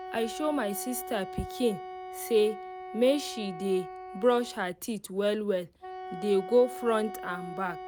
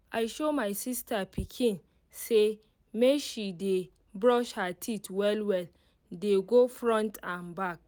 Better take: second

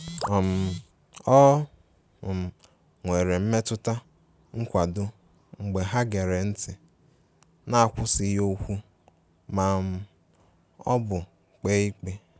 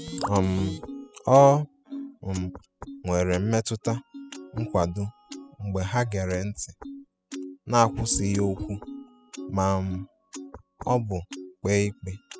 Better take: first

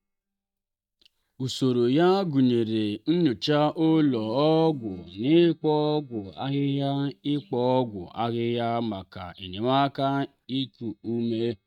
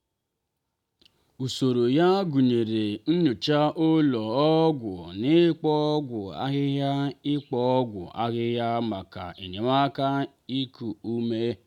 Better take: second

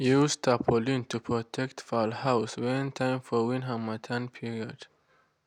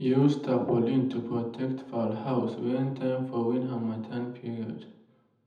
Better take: first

